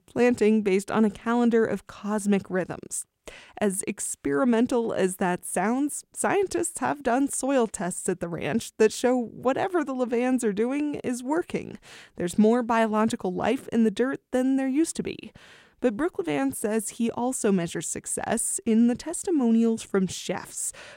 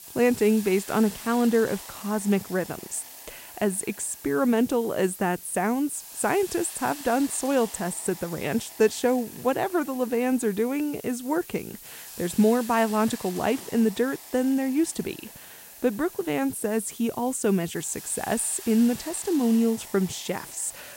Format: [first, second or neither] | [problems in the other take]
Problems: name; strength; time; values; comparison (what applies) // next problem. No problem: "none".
first | hiss; noticeable; throughout; 15 dB below the speech